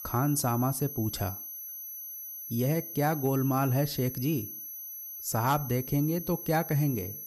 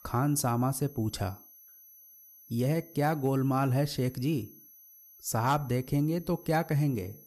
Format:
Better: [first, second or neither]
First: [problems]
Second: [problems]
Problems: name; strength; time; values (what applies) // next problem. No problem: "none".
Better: second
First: high-pitched whine; loud; throughout; 11.5 kHz, 9 dB below the speech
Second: high-pitched whine; faint; throughout; 11.5 kHz, 20 dB below the speech